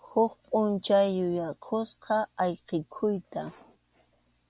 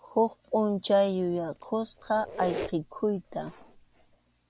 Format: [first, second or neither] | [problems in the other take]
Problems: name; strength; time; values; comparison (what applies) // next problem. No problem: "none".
first | background sound (Squeak); 12 dB below the speech